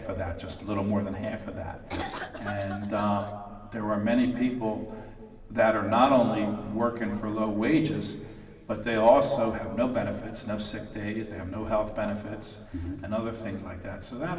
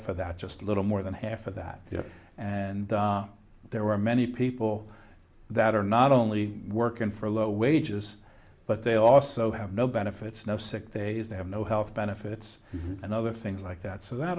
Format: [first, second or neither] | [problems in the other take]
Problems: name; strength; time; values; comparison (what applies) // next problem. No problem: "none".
second | background sound (Cough); 11 dB below the speech // room echo; dies away in 2.3 s